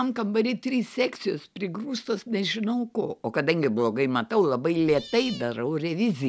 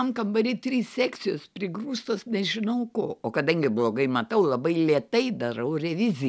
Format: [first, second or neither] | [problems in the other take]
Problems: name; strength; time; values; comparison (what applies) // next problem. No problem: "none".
second | background sound (Cat); 16 dB below the speech